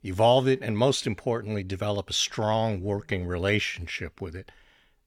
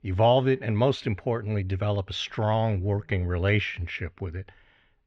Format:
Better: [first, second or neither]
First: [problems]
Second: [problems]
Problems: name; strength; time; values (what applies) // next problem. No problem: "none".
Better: first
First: none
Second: muffled; slightly; fading above 2.5 kHz